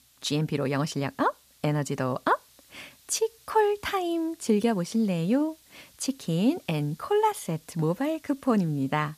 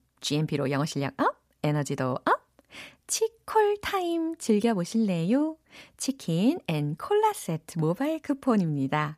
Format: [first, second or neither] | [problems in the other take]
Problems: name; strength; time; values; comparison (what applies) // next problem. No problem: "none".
second | hiss; faint; throughout; 30 dB below the speech